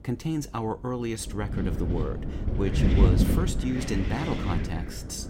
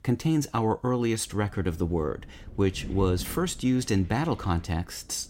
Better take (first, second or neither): second